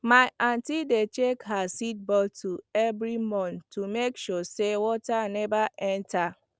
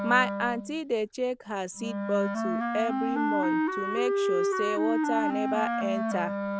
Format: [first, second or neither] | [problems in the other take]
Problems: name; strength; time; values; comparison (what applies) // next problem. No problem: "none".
first | background sound (Wind instrument, woodwind instrument); 2 dB above the speech